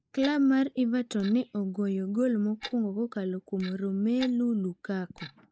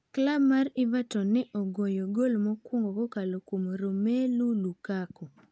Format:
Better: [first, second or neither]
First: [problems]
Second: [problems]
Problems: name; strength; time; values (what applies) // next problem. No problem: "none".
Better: second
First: noise reduction (neural mask model Resemble Enhance denoiser)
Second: none